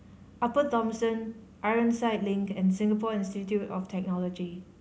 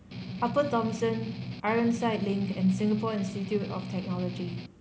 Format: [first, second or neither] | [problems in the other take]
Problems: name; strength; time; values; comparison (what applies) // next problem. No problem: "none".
first | background sound (Strum); 7 dB below the speech